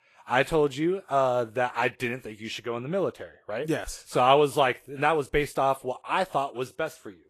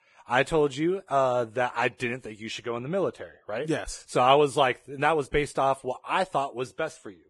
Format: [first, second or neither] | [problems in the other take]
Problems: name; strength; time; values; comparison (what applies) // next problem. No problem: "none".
first | garbled, watery; badly; nothing above 10.5 kHz; slightly in the first